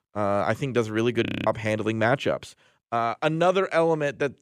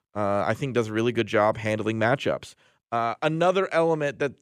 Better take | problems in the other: second | audio freezing; at 1.5 s

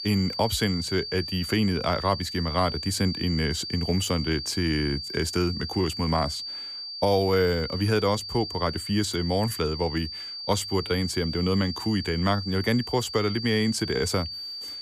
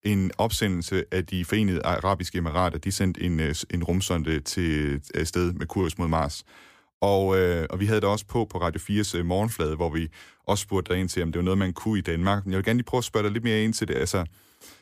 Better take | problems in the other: second | high-pitched whine; loud; throughout; 4.5 kHz, 7 dB below the speech

